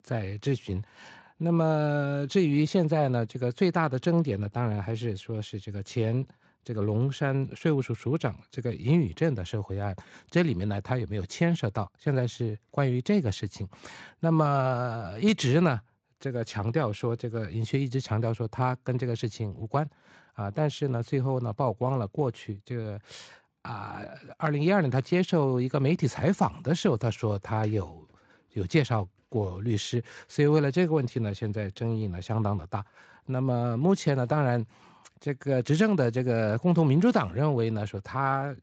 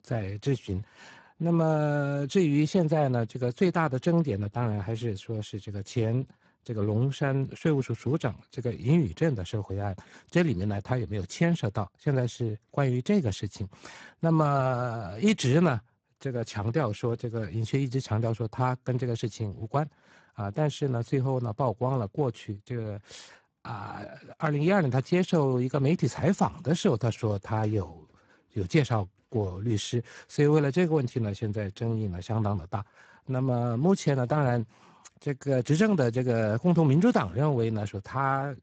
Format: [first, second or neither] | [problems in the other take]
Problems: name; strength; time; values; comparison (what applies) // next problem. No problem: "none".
first | garbled, watery; badly; nothing above 8 kHz; slightly in the first